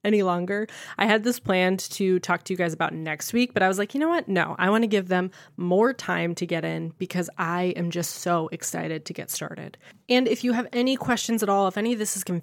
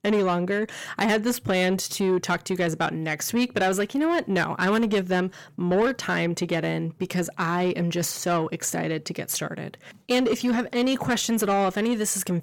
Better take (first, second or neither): first